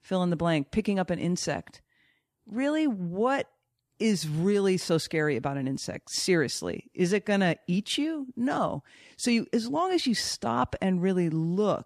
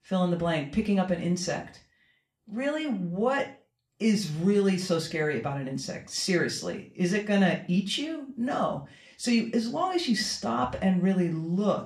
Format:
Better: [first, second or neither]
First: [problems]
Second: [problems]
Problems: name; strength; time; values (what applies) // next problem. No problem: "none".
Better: first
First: none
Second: room echo; very slight; dies away in 0.3 s // off-mic speech; somewhat distant